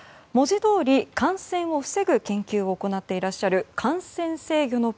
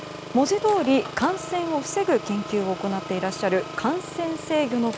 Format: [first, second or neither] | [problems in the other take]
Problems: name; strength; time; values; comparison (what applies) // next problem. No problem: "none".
first | background sound (Engine); 11 dB below the speech